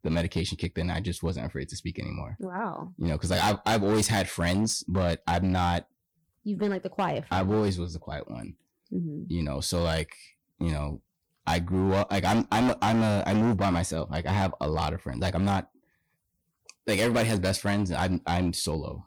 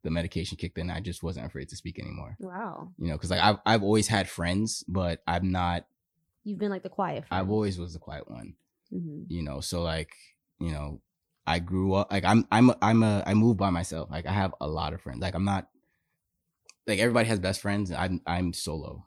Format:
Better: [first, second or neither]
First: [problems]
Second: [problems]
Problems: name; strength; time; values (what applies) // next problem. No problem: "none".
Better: second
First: distortion; heavy; 10% of the sound clipped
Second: none